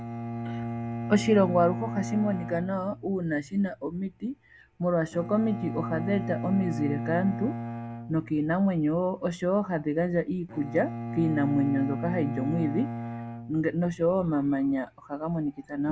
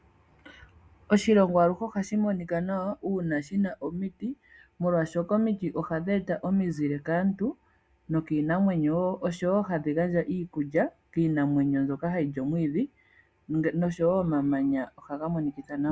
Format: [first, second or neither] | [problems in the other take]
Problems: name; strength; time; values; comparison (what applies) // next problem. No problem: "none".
second | background sound (Bowed string instrument); 8 dB below the speech